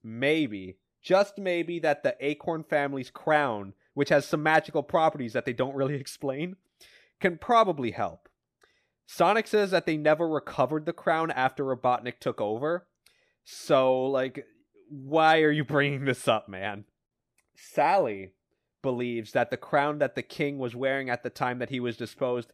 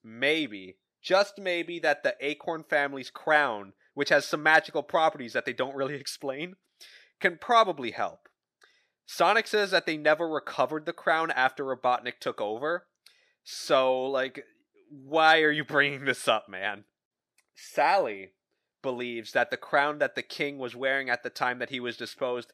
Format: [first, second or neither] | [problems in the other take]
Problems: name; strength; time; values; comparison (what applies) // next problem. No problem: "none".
first | thin; very slightly; fading below 950 Hz